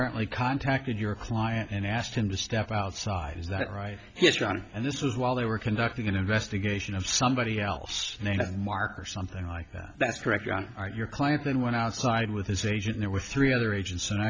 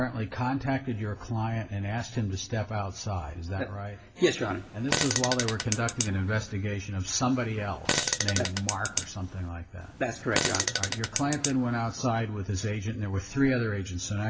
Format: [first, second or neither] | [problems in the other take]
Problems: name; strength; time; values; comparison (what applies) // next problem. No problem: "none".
first | background sound (Fart); 3 dB below the speech // room echo; dies away in 1.4 s